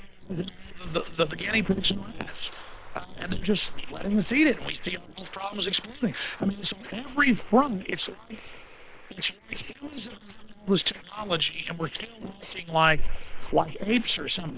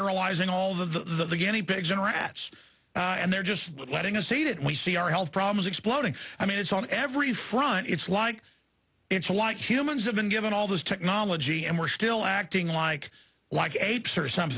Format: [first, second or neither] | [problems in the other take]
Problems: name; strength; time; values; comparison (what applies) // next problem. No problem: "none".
second | noise reduction (neural separator model SepFormer WHAM!)